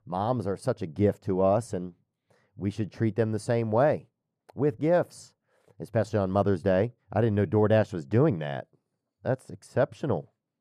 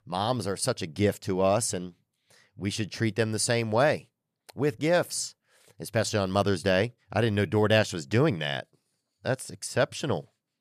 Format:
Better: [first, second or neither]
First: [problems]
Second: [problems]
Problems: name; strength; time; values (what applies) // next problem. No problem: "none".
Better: second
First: muffled; very; fading above 2 kHz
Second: none